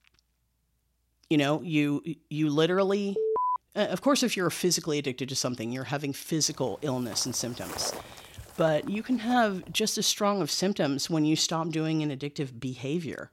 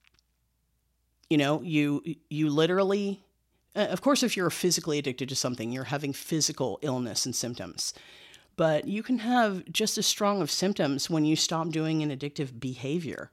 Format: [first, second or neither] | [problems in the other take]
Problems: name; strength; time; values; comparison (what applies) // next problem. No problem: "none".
second | alarm; loud; at 3 s; peak level with the speech // footsteps; noticeable; from 6.5 to 10 s; peak 9 dB below the speech